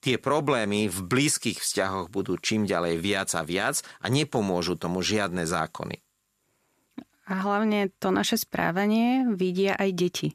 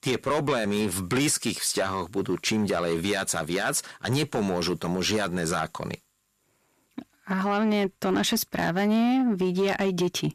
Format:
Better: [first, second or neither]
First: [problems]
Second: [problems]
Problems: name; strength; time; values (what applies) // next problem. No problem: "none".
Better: first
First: none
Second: distortion; slight; 10 dB below the speech